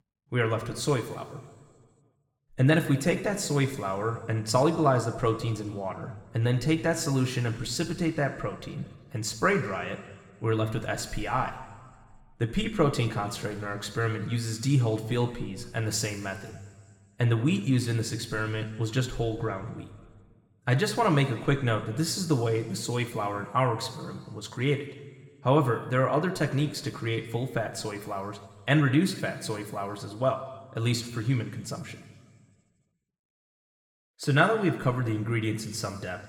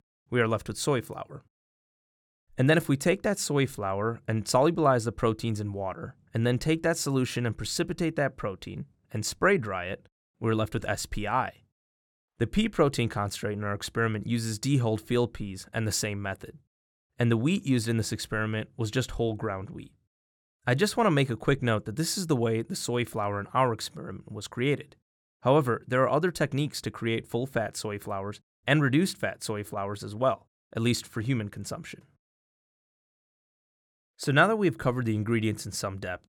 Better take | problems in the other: second | room echo; slight; dies away in 1.3 s

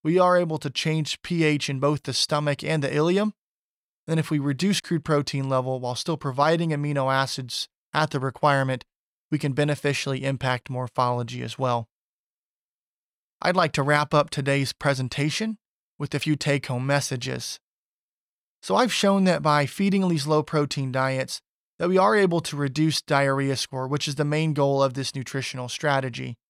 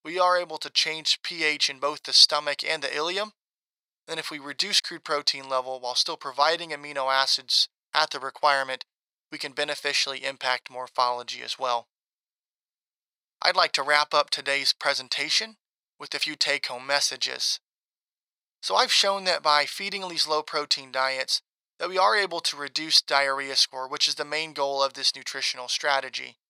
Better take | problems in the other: first | thin; very; fading below 750 Hz

